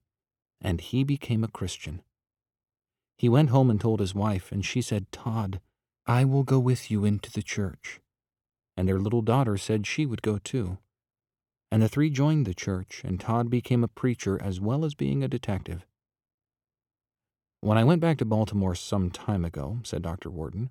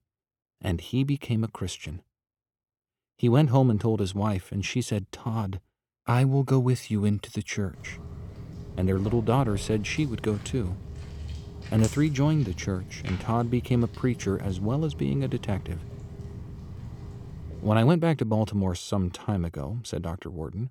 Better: first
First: none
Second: footsteps; noticeable; from 8 to 18 s; peak 10 dB below the speech

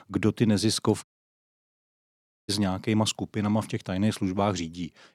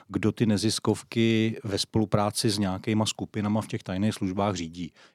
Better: second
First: audio cutting out; at 1 s for 1.5 s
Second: none

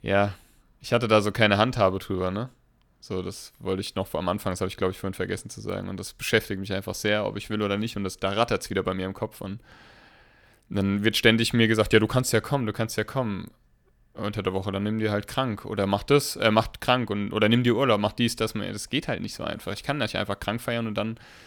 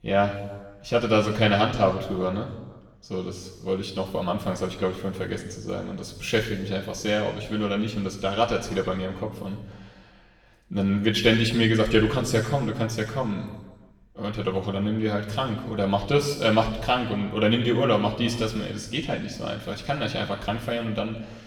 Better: first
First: none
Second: room echo; noticeable; dies away in 1.1 s // off-mic speech; far

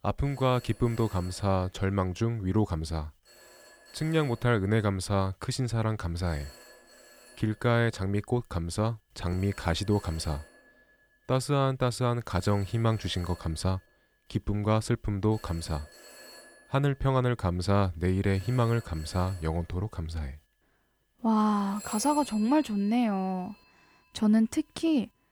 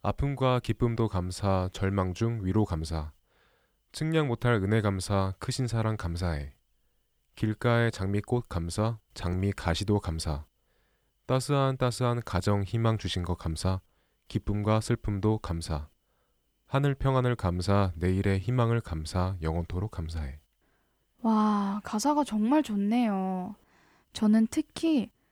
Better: second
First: alarms or sirens; noticeable; throughout; 20 dB below the speech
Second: none

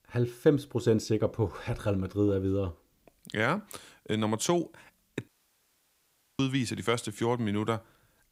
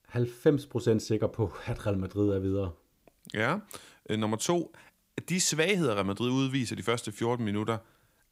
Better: second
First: audio cutting out; at 5.5 s for 1 s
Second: none

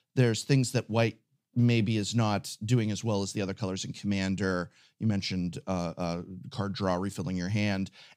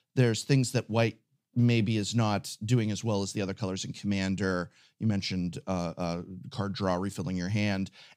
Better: neither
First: none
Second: none

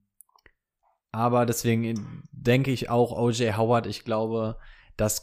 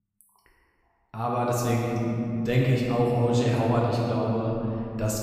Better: first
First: none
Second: room echo; strong; dies away in 3 s // off-mic speech; far

